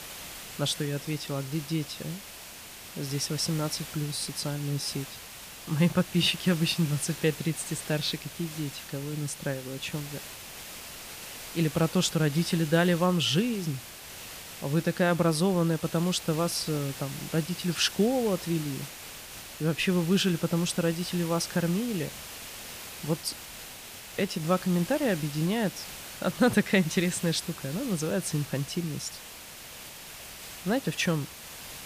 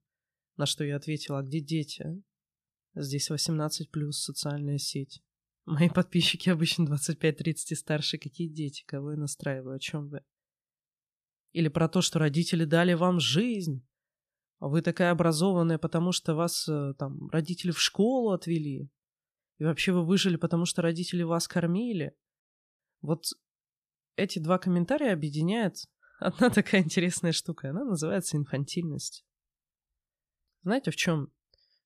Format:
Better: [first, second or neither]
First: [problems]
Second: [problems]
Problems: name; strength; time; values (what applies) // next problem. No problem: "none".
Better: second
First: hiss; noticeable; throughout; 10 dB below the speech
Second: none